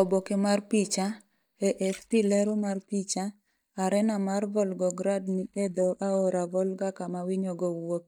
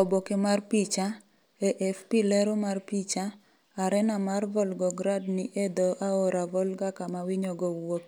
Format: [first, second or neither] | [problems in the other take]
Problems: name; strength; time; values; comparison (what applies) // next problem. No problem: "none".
second | noise reduction (neural mask model DeepFilterNet 3)